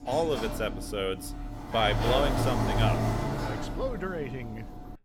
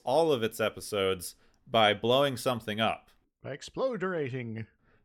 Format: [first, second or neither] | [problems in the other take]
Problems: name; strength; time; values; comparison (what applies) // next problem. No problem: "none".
second | door banging; loud; peak 4 dB above the speech